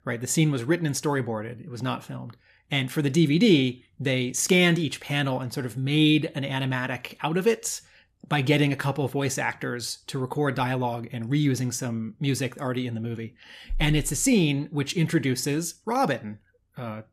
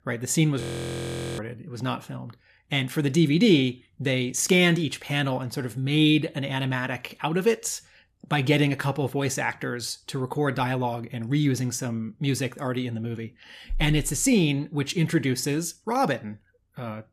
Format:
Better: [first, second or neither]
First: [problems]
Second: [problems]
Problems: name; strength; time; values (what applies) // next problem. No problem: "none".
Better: first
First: none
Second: audio freezing; at 0.5 s for 1 s